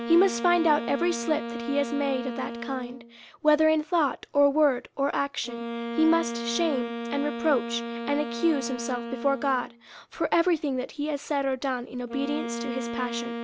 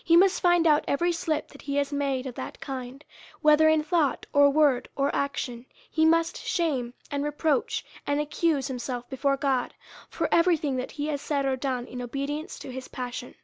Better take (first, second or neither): second